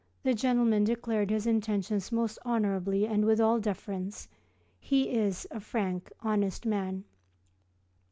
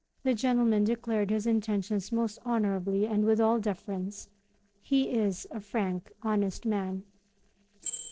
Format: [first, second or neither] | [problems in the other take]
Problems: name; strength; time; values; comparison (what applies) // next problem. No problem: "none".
first | noise reduction (neural separator model SepFormer DNS4)